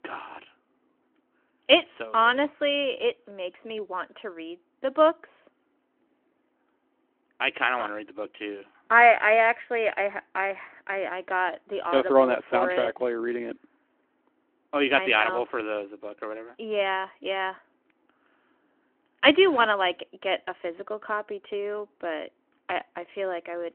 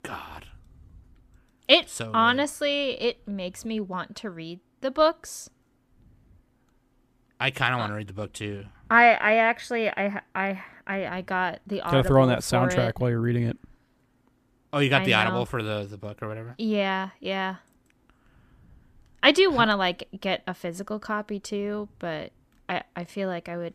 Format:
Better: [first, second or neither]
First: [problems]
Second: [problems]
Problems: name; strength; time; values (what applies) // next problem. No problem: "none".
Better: second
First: phone-call audio; nothing above 3 kHz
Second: none